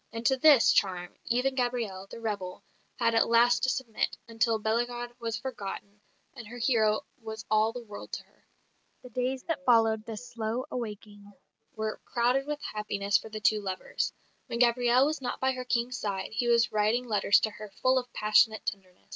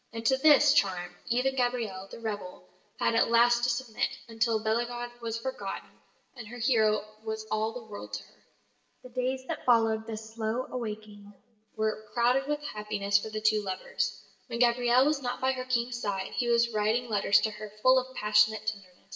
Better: first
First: none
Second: room echo; dies away in 0.7 s

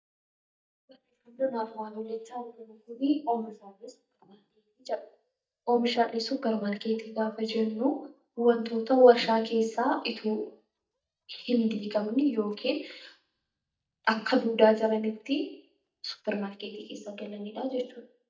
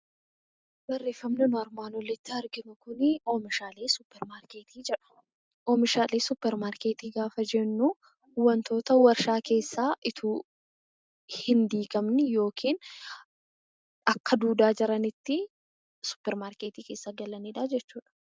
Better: second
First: noise reduction (neural mask model DeepFilterNet 3)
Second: none

